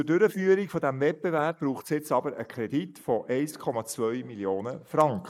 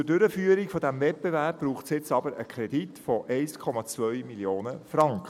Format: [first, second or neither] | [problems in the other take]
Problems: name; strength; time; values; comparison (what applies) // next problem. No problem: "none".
second | noise reduction (neural mask model Resemble Enhance denoiser)